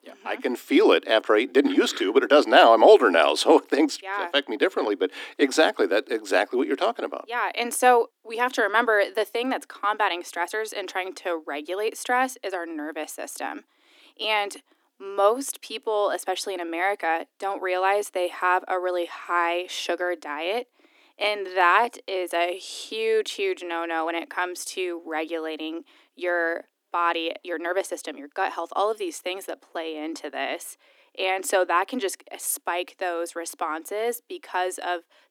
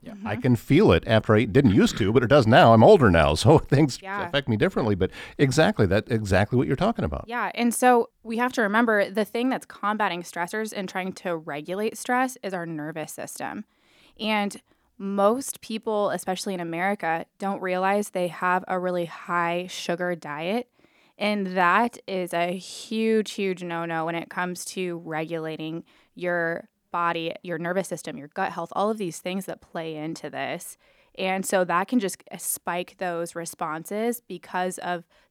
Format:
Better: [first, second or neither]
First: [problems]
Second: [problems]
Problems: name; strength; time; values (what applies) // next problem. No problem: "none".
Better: second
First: thin; somewhat; fading below 250 Hz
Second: none